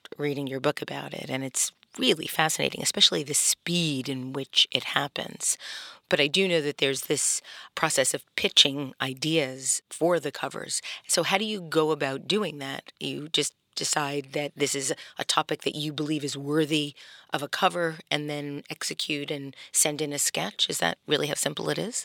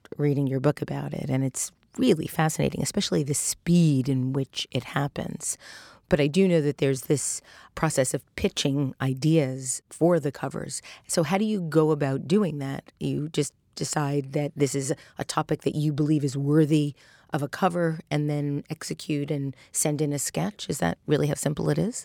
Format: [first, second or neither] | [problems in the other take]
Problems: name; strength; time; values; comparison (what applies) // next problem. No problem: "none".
second | thin; somewhat; fading below 750 Hz